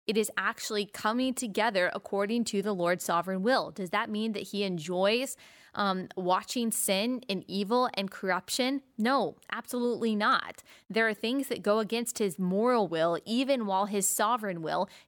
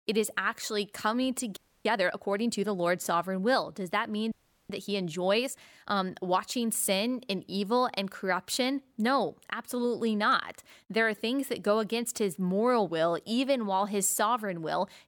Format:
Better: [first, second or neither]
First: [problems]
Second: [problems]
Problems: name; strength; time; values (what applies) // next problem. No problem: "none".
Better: first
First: none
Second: audio freezing; at 1.5 s and at 4.5 s